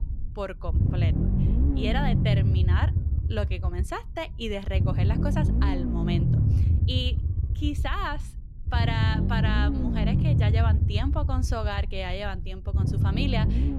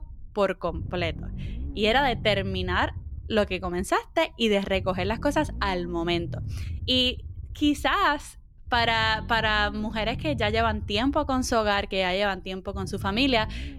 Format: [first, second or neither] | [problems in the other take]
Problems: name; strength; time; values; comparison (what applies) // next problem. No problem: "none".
second | low rumble; loud; throughout; 4 dB below the speech; faint in the second